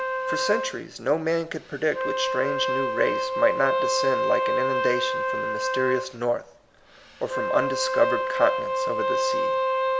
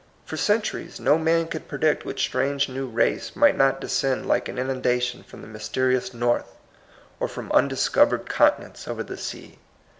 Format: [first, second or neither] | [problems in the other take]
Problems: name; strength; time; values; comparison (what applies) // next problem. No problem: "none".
second | background sound (Wind instrument, woodwind instrument); 1 dB above the speech